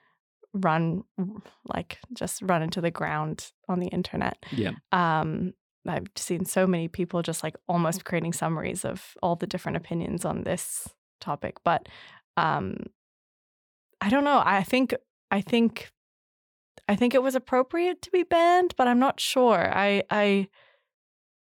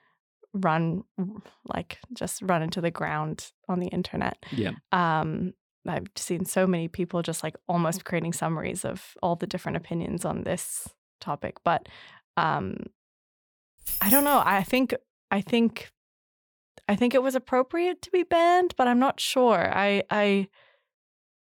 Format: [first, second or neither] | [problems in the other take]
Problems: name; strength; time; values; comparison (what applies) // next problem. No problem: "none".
first | jangling keys; loud; at 14 s; peak 6 dB above the speech